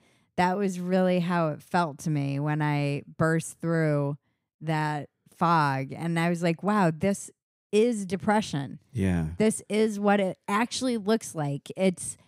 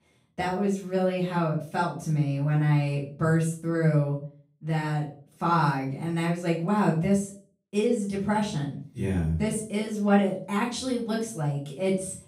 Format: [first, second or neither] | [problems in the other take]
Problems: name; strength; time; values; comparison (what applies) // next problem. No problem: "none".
first | room echo; slight; dies away in 0.3 s // off-mic speech; far